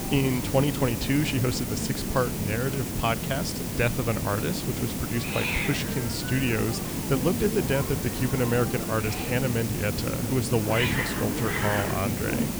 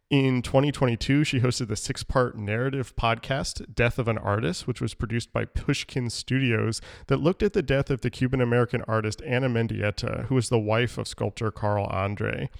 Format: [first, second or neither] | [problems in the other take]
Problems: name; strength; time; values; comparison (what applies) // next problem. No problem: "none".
second | hiss; loud; throughout; 1 dB below the speech